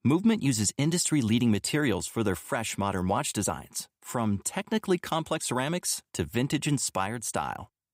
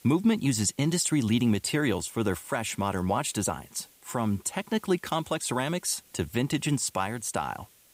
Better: first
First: none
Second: hiss; faint; throughout; 25 dB below the speech

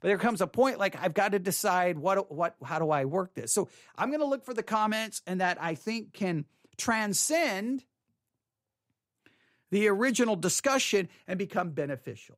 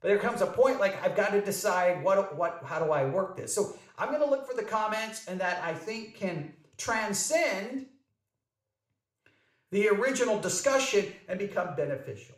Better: first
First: none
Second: room echo; slight; dies away in 0.5 s

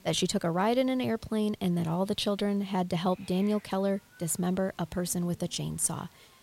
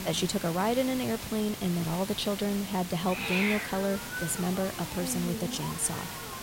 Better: first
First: hiss; faint; throughout; 25 dB below the speech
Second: hiss; loud; throughout; 5 dB below the speech

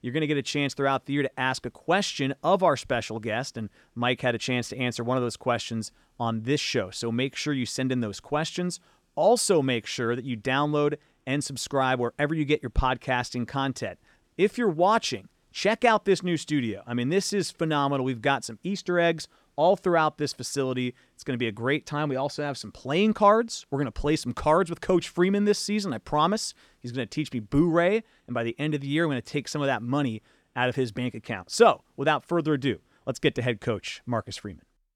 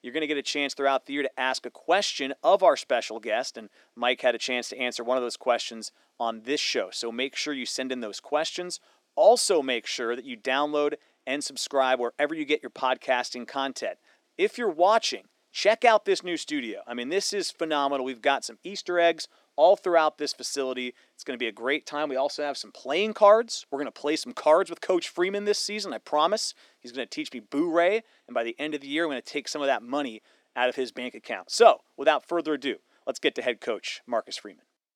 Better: first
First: none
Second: thin; somewhat; fading below 300 Hz

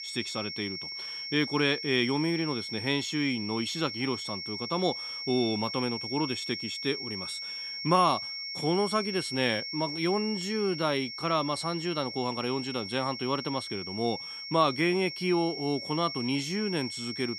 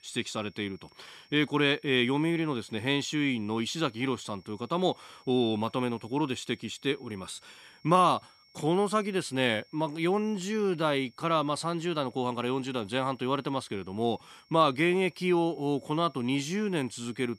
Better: second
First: high-pitched whine; loud; throughout; 5.5 kHz, 5 dB below the speech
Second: high-pitched whine; faint; throughout; 5.5 kHz, 30 dB below the speech

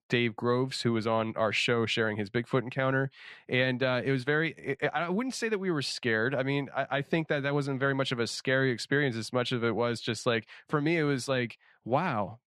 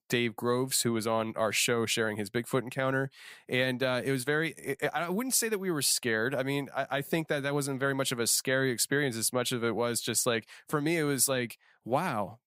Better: second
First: muffled; slightly; fading above 3 kHz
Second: none

